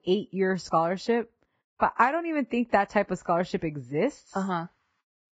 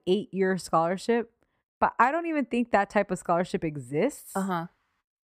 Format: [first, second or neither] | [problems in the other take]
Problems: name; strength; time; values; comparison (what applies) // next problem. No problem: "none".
second | garbled, watery; badly; nothing above 7.5 kHz